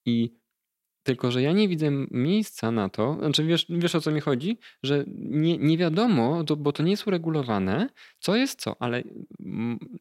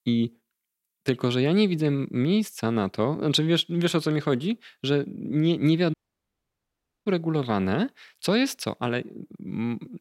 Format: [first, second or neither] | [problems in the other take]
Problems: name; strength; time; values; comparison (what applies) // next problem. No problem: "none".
first | audio cutting out; at 6 s for 1 s